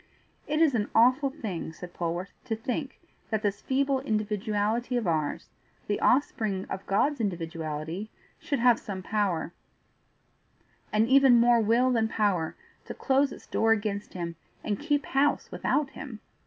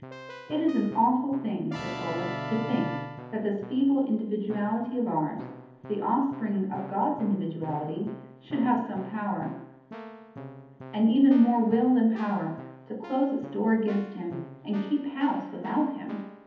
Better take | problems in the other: first | background sound (Keyboard (musical)); 14 dB below the speech // room echo; dies away in 1.3 s

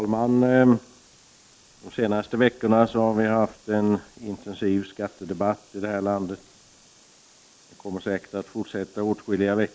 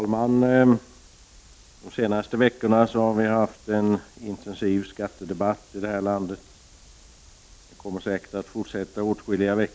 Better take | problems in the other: second | noise reduction (neural mask model Resemble Enhance denoiser)

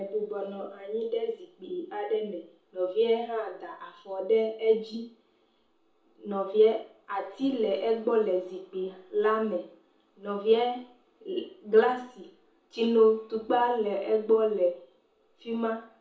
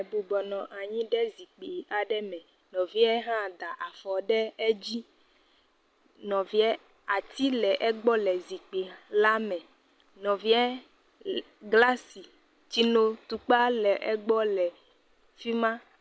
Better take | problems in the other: second | room echo; dies away in 0.6 s

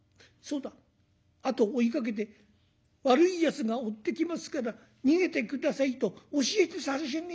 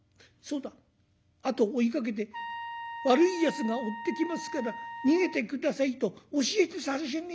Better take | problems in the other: first | background sound (Trumpet); 10 dB below the speech

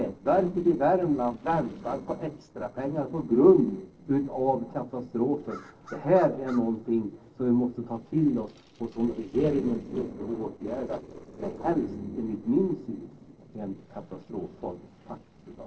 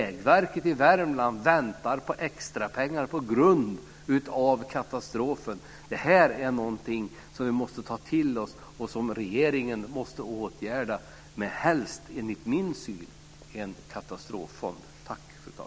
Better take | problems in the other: second | noise reduction (neural separator model SepFormer DNS4)

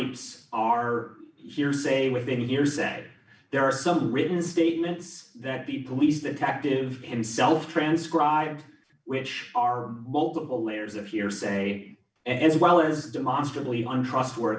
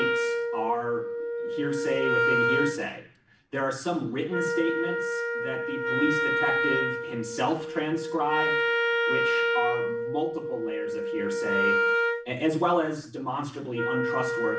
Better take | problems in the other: first | background sound (Wind instrument, woodwind instrument); 3 dB above the speech

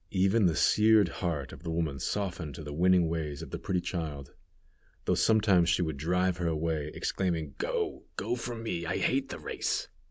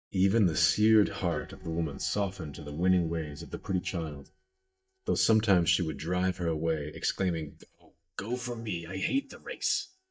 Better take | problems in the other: first | noise reduction (neural mask model DeepFilterNet 3)

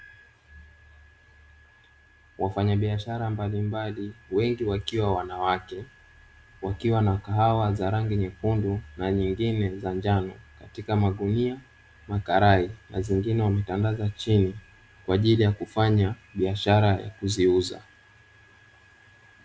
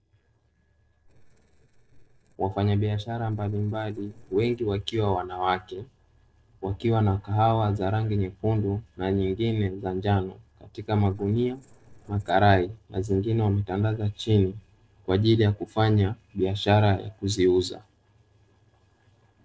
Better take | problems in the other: first | noise reduction (neural separator model SepFormer DNS4)

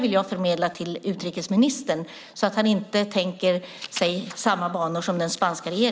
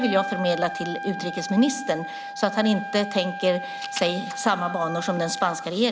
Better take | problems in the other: first | background sound (Trumpet); 9 dB below the speech

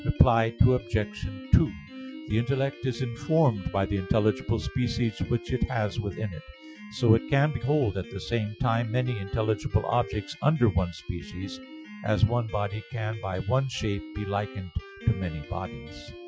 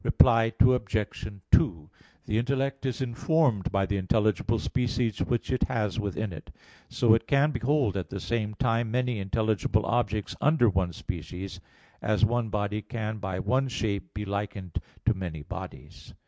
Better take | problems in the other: second | noise reduction (classical method Wiener filter)

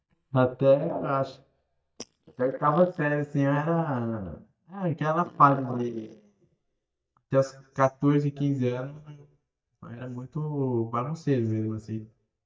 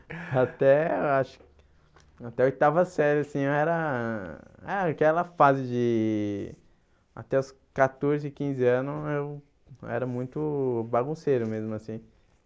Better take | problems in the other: second | noise reduction (neural mask model DeepFilterNet 3)

